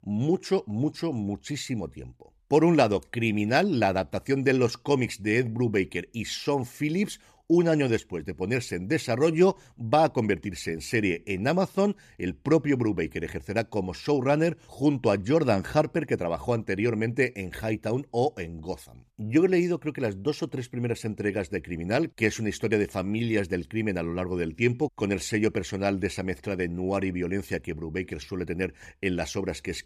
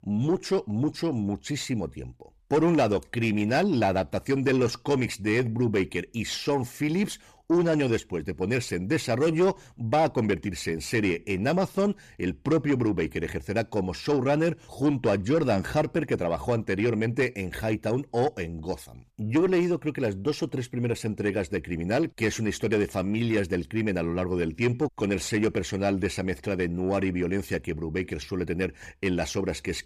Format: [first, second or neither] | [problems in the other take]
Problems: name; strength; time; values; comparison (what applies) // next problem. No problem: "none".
first | distortion; slight; 10 dB below the speech